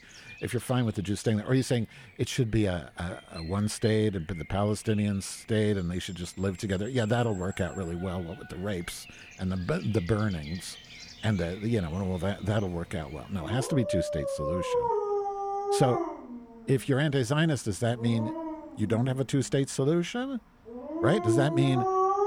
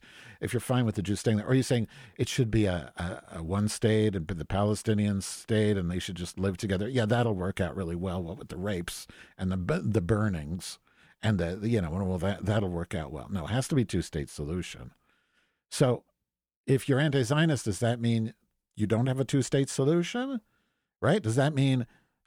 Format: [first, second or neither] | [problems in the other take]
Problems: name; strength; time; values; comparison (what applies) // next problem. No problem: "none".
second | animal sounds; loud; throughout; 3 dB below the speech